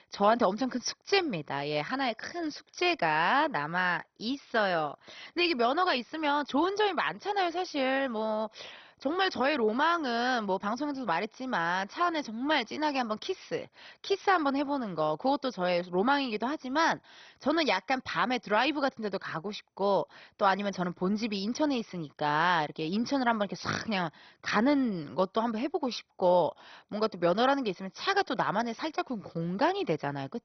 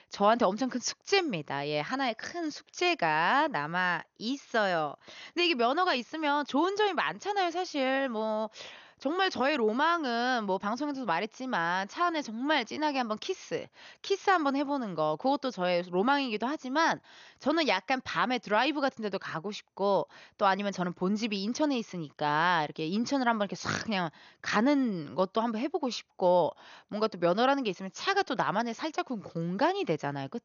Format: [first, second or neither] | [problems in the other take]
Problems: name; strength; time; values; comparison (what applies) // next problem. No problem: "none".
second | garbled, watery; badly; nothing above 6 kHz; slightly in the second